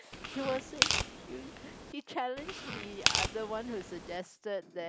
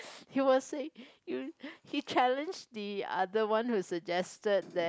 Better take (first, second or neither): second